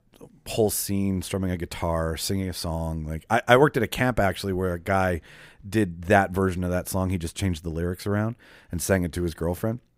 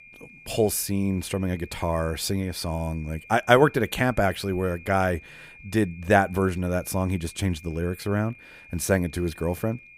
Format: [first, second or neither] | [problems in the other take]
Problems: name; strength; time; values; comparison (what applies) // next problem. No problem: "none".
first | high-pitched whine; faint; throughout; 2.5 kHz, 20 dB below the speech